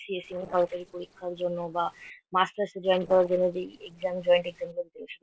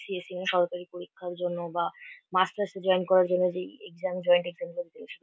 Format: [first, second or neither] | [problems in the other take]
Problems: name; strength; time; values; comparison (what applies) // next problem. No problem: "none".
second | noise reduction (neural separator model SepFormer DNS4)